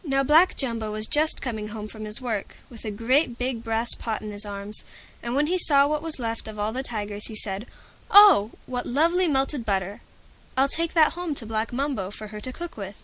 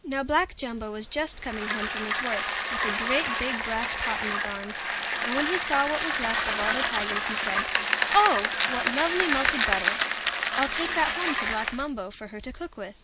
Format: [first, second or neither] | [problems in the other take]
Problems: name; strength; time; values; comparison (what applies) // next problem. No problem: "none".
first | background sound (Bicycle); 1 dB above the speech